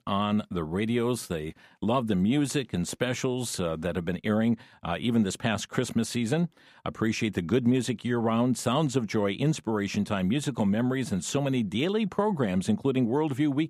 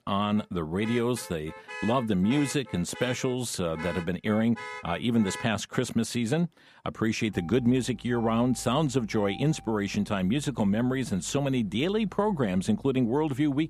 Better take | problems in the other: first | traffic noise; noticeable; throughout; 15 dB below the speech

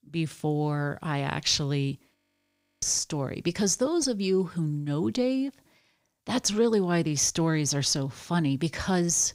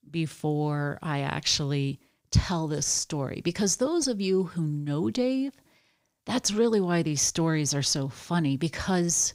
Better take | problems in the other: second | audio freezing; at 2 s for 0.5 s

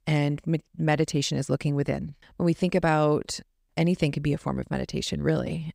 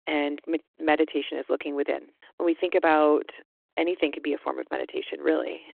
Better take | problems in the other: first | phone-call audio

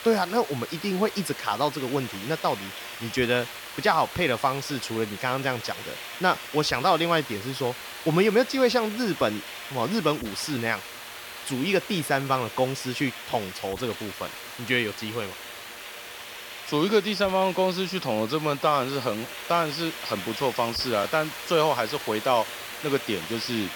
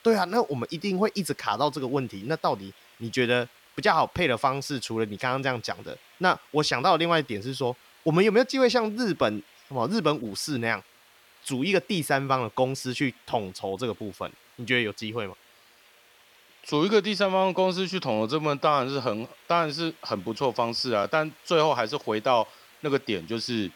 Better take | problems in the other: second | hiss; loud; throughout; 10 dB below the speech; faint in the second

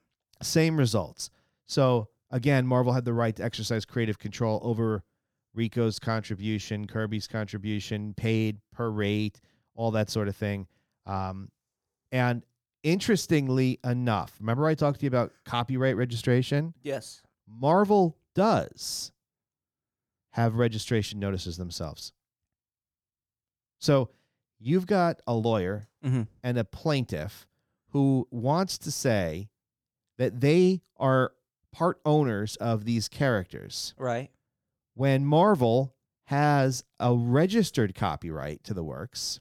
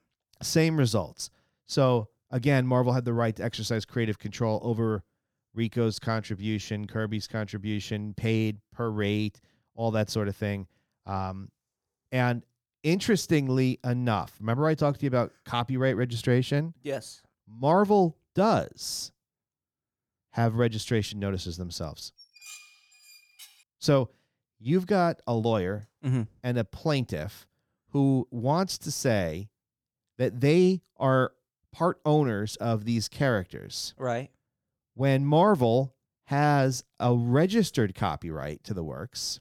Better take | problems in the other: first | clattering dishes; faint; from 22 to 24 s; peak 15 dB below the speech

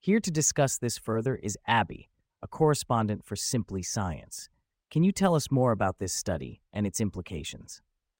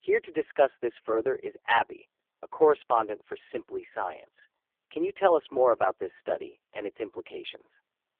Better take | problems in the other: first | phone-call audio; poor line; nothing above 3.5 kHz

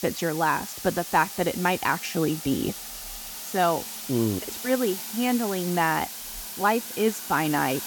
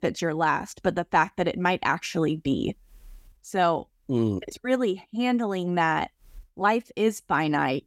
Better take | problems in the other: second | hiss; loud; throughout; 8 dB below the speech

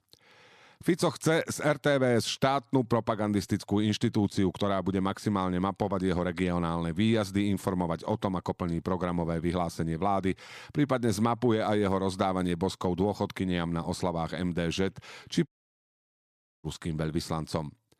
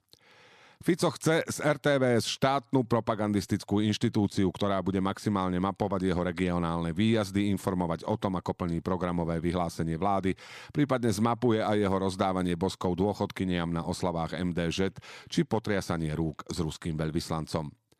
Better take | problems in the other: second | audio cutting out; at 15 s for 1 s

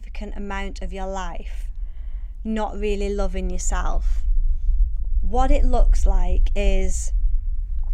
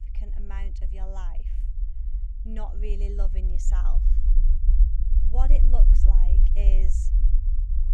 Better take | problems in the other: first | low rumble; loud; throughout; 5 dB below the speech; faint in the first

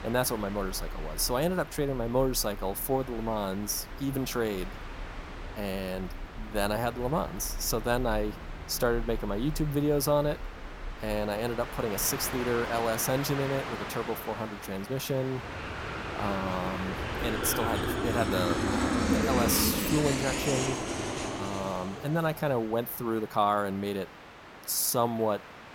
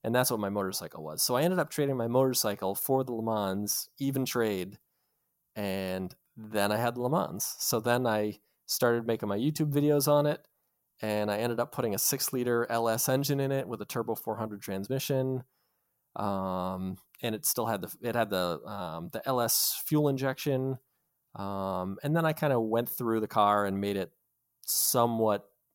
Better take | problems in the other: second | train or aircraft noise; loud; throughout; 5 dB below the speech

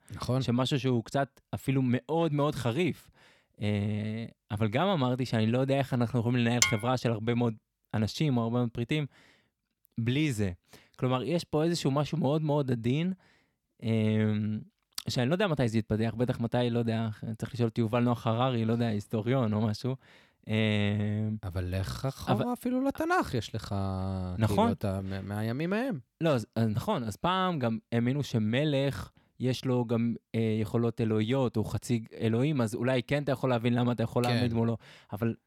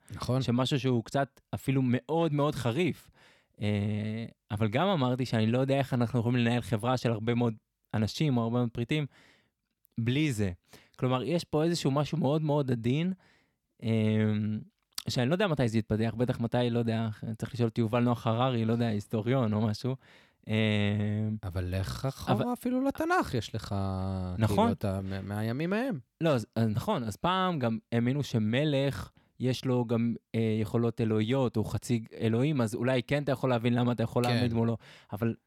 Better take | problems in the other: second | clattering dishes; loud; at 6.5 s; peak 3 dB above the speech

